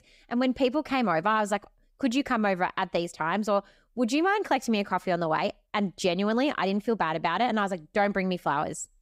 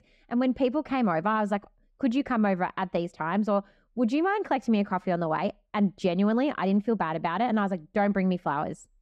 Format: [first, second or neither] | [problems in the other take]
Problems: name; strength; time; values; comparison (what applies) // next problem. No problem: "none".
first | muffled; slightly; fading above 1.5 kHz